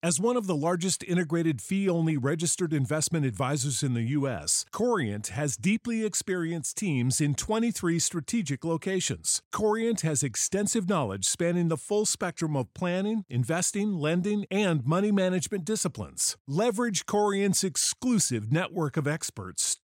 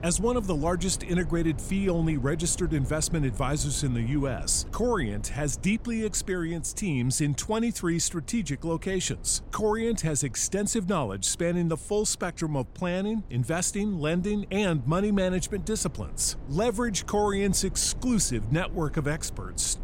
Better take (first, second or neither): first